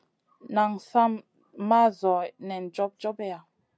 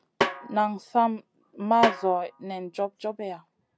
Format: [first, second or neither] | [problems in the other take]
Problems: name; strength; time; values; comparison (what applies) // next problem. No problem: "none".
first | background sound (Snare drum); 5 dB below the speech